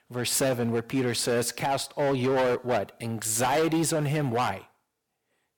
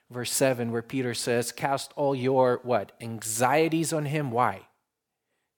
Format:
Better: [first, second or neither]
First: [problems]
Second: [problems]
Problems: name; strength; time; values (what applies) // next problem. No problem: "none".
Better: second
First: distortion; heavy; 13% of the sound clipped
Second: none